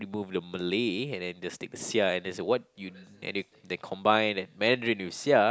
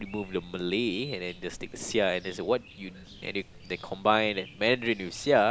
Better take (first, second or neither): first